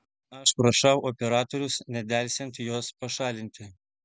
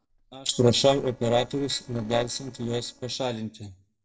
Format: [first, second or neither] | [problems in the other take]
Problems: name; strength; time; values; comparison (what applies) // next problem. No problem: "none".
first | noise reduction (neural separator model SepFormer DNS4)